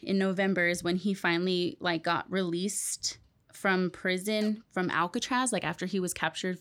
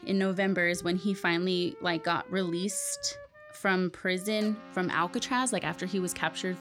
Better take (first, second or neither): first